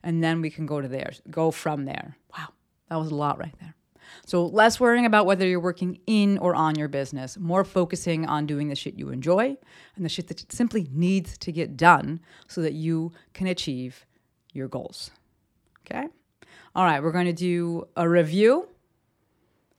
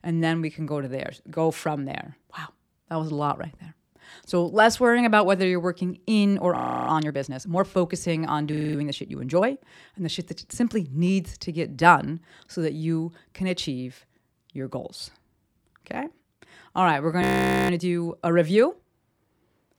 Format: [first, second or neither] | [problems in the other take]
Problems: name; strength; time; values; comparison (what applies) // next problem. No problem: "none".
first | audio freezing; at 6.5 s, at 8.5 s and at 17 s